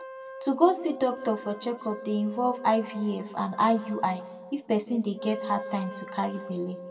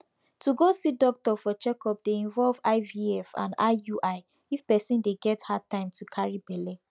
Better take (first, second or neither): second